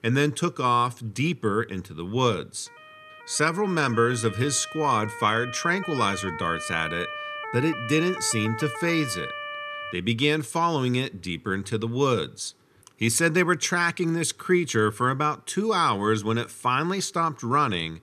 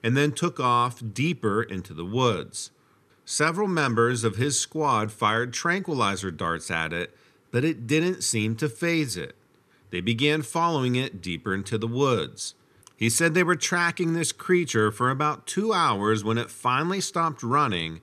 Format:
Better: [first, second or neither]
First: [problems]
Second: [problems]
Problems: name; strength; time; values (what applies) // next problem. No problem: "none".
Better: second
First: siren; noticeable; from 2.5 to 10 s; peak 8 dB below the speech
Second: none